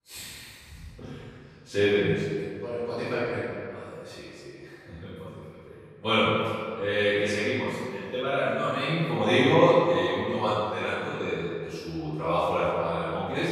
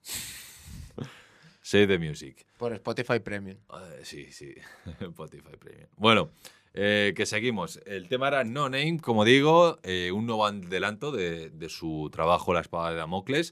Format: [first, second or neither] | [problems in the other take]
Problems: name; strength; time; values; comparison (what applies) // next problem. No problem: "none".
second | off-mic speech; far // room echo; strong; dies away in 2.1 s